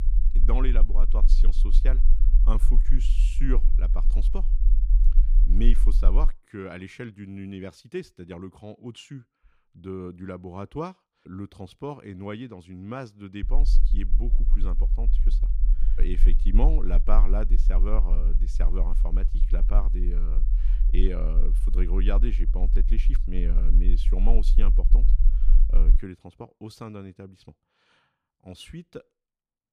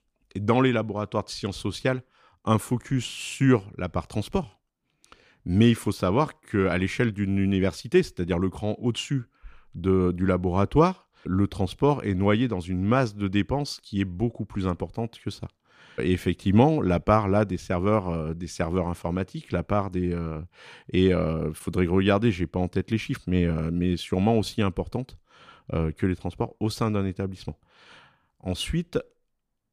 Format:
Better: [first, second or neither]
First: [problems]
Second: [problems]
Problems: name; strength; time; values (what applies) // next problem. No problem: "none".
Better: second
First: low rumble; noticeable; until 6.5 s and from 13 to 26 s; 10 dB below the speech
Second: none